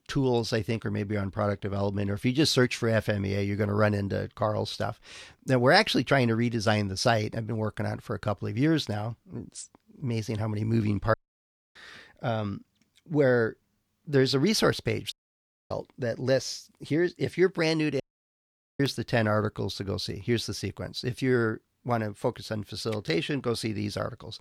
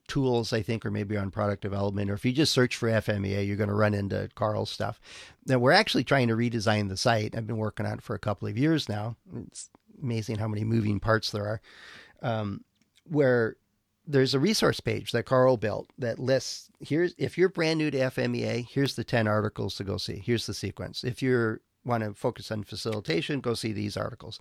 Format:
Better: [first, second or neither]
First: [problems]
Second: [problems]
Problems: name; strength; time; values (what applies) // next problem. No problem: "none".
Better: second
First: audio cutting out; at 11 s for 0.5 s, at 15 s for 0.5 s and at 18 s for 1 s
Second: none